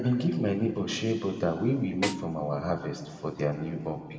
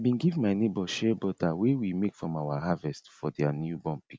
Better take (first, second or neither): second